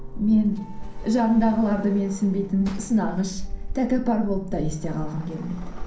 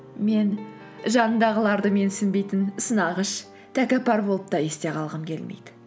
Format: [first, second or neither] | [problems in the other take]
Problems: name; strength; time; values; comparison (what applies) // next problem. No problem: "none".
second | background sound (Sliding door); 8 dB below the speech // room echo; dies away in 0.6 s